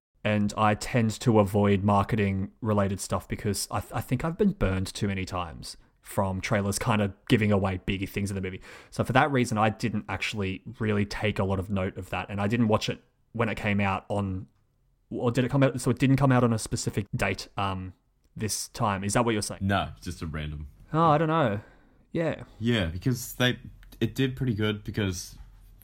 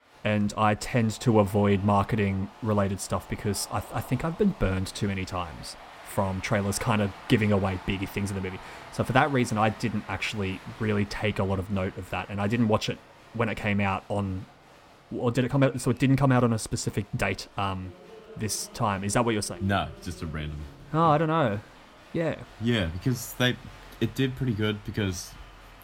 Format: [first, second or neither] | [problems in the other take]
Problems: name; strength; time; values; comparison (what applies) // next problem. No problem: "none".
first | crowd noise; faint; throughout; 20 dB below the speech